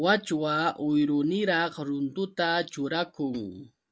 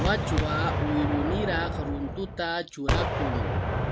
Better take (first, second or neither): first